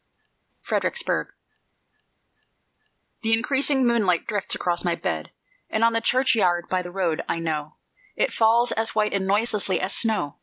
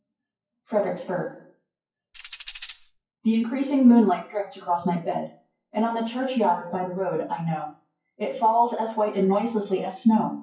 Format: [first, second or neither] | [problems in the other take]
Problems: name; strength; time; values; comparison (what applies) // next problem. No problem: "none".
first | noise reduction (classical method WPE with log-MMSE)